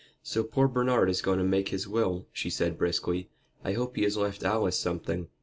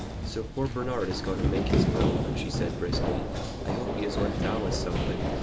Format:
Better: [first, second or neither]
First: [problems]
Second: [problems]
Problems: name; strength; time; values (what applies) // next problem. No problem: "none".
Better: first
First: none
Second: background sound (Run); 5 dB above the speech